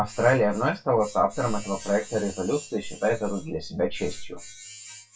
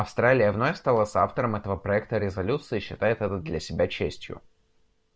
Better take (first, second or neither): second